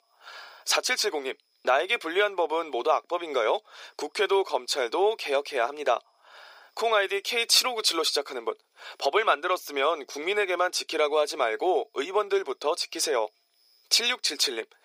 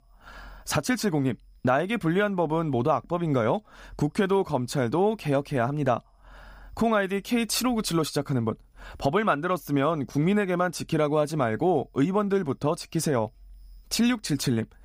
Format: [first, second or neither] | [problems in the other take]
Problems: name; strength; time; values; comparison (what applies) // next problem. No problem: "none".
second | thin; very; fading below 400 Hz